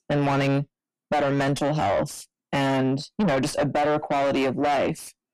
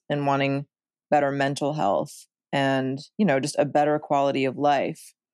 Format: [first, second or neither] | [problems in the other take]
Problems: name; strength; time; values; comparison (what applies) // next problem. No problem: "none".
second | distortion; heavy; 5 dB below the speech